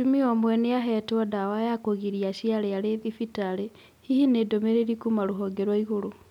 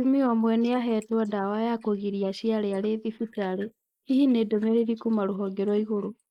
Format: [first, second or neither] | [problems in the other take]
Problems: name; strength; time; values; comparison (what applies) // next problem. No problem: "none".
first | noise reduction (neural mask model Resemble Enhance denoiser)